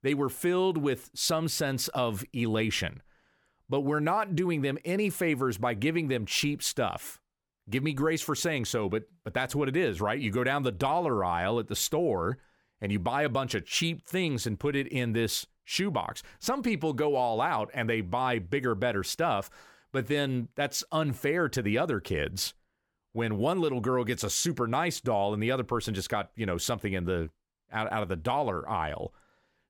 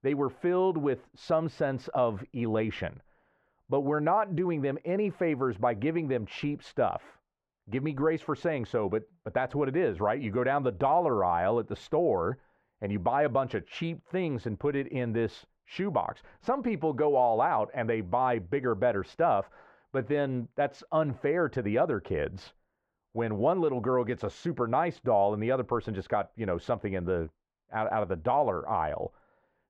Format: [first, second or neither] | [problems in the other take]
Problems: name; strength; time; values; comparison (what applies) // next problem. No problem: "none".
first | muffled; very; fading above 2 kHz